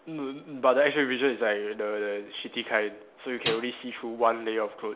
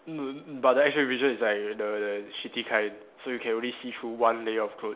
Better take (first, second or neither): second